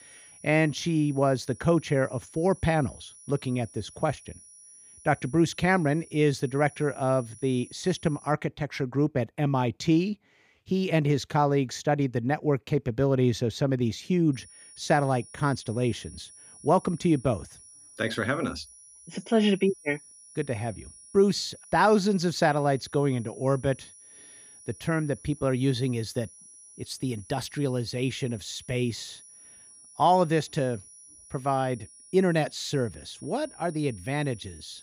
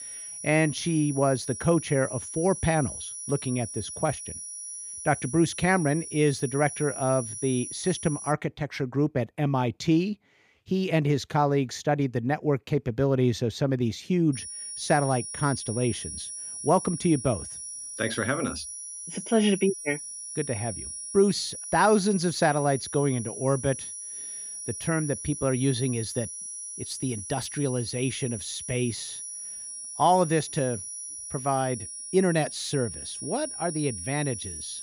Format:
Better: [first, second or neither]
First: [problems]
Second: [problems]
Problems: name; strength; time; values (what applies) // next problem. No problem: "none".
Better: first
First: high-pitched whine; faint; until 8.5 s and from 14 s on; 10 kHz, 20 dB below the speech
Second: high-pitched whine; loud; until 8.5 s and from 14 s on; 10 kHz, 8 dB below the speech